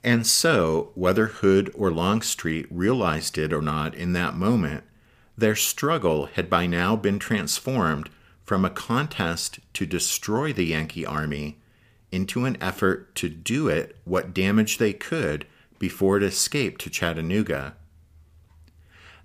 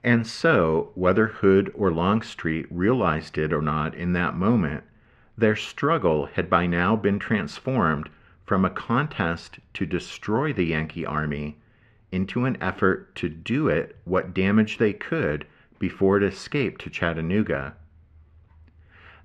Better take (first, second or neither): first